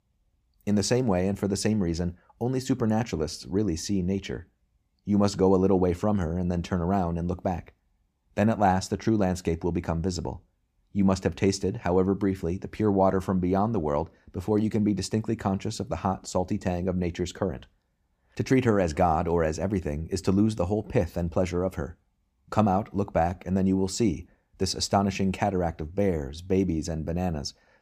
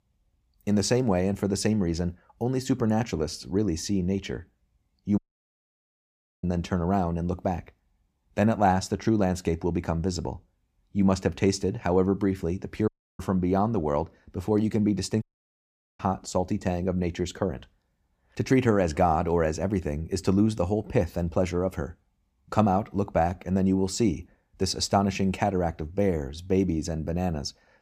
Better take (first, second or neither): first